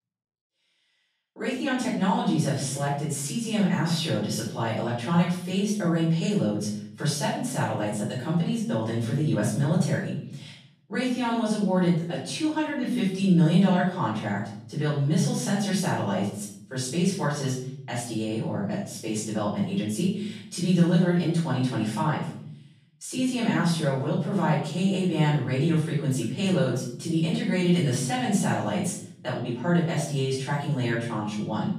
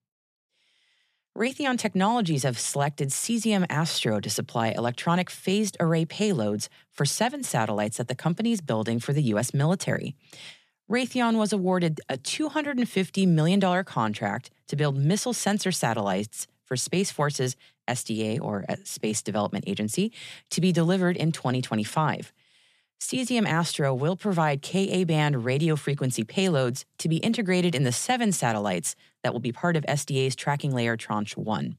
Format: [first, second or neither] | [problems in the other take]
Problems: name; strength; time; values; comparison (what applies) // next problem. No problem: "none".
second | off-mic speech; far // room echo; noticeable; dies away in 0.7 s